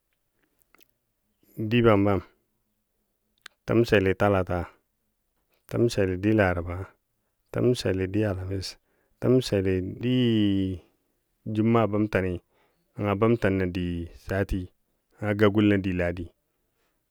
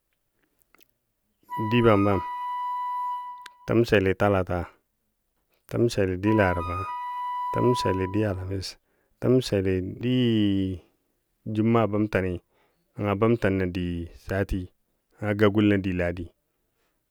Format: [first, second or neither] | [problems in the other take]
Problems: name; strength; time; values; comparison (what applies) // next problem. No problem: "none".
first | background sound (Wind instrument, woodwind instrument); 6 dB below the speech